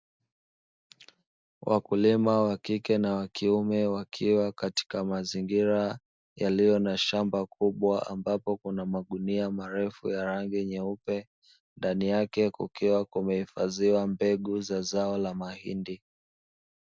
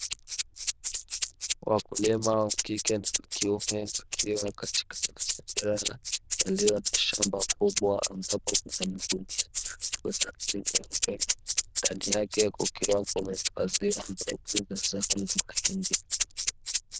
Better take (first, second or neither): first